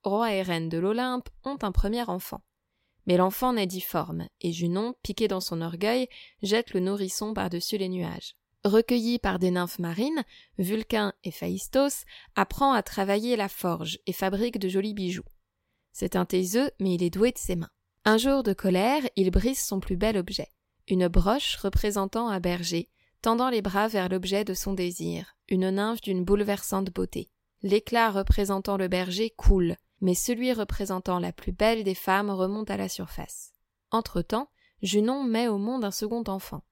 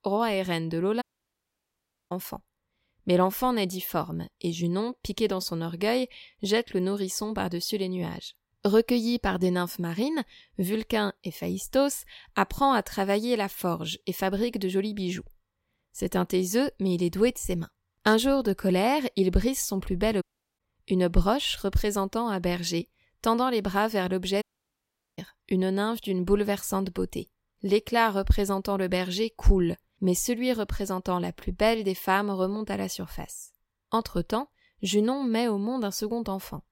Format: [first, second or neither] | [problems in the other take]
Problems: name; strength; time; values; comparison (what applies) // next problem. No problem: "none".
first | audio cutting out; at 1 s for 1 s, at 20 s and at 24 s for 1 s